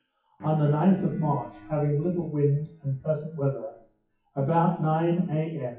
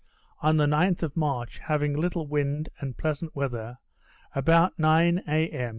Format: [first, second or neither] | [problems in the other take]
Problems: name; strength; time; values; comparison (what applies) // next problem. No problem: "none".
second | noise reduction (classical method WPE with log-MMSE)